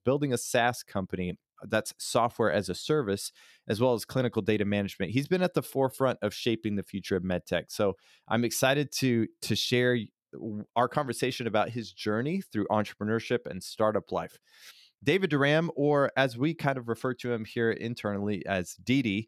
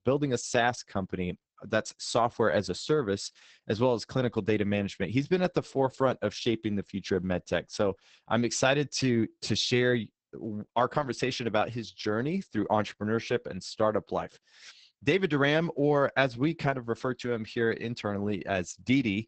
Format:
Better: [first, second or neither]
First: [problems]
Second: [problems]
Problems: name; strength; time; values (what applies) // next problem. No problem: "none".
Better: first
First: none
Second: garbled, watery; badly; nothing above 8 kHz